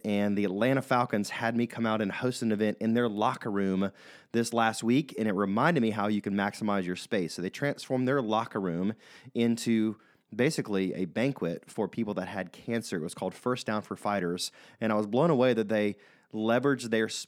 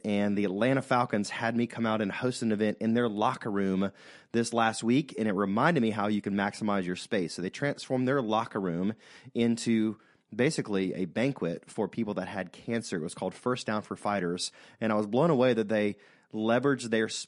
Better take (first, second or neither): first